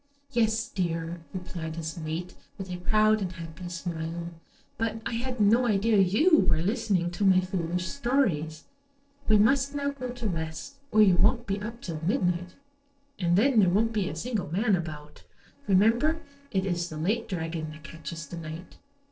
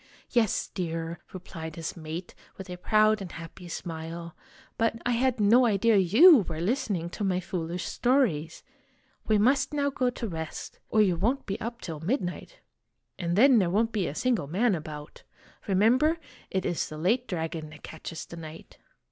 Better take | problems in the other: second | noise reduction (neural separator model SepFormer DNS4)

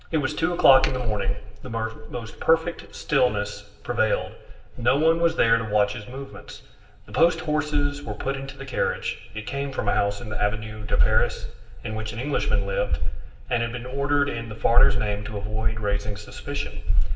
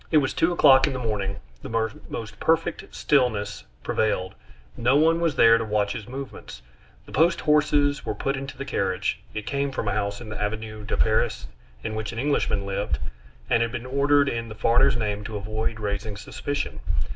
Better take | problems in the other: second | room echo; dies away in 0.9 s

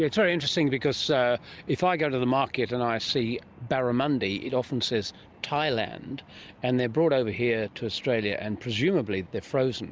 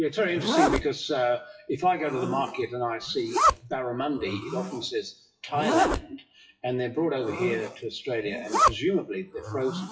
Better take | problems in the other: first | noise reduction (classical method WPE with log-MMSE)

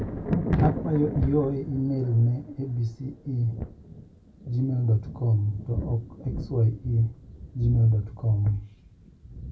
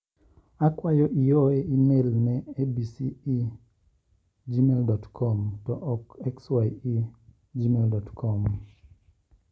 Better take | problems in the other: second | background sound (Thunder); 7 dB below the speech // room echo; dies away in 0.2 s

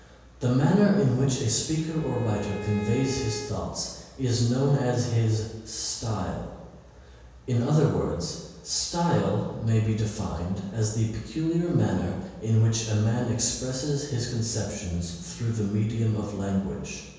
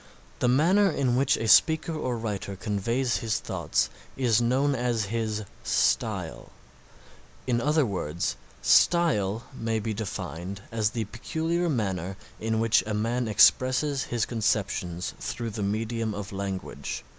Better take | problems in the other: second | background sound (Bowed string instrument); 14 dB below the speech // room echo; dies away in 1.2 s

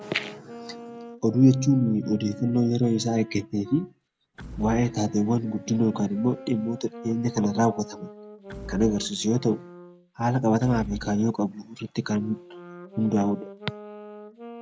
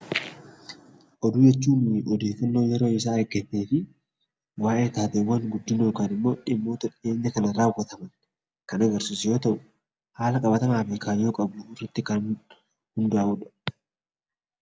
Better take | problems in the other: second | background sound (Door / Wood + Wind instrument, woodwind instrument); 16 dB below the speech

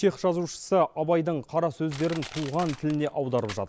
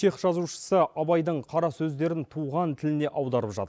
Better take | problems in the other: second | background sound (Crushing); 19 dB below the speech

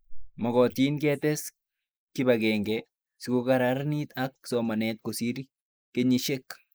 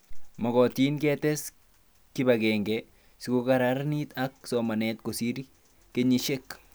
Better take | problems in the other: second | noise reduction (neural mask model Resemble Enhance denoiser)

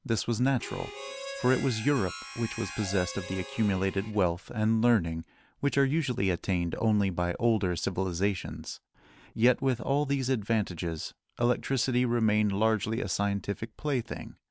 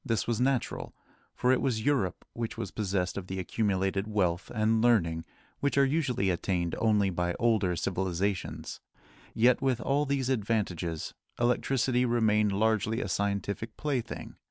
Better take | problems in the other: second | background sound (Harmonica); 12 dB below the speech

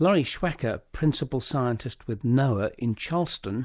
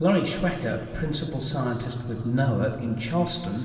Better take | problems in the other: first | room echo; dies away in 2.6 s

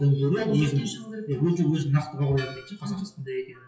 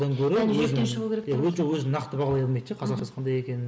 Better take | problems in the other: second | noise reduction (classical method WPE with log-MMSE)

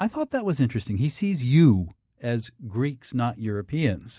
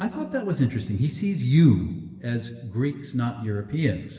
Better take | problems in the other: first | background sound (Bass guitar); 20 dB below the speech // room echo; dies away in 1.2 s

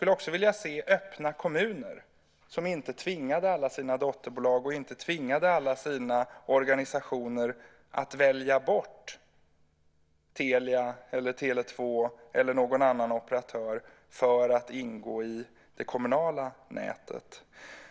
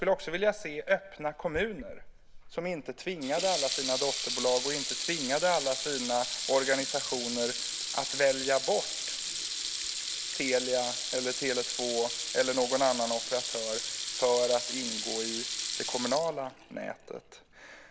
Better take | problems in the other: first | background sound (Sink (filling or washing) / Water tap, faucet); 4 dB below the speech

